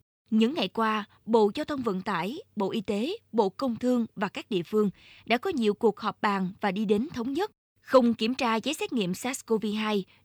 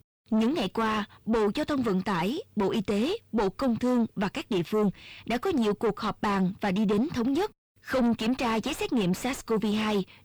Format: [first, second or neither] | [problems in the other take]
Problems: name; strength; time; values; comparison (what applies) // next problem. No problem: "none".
first | distortion; heavy; 5 dB below the speech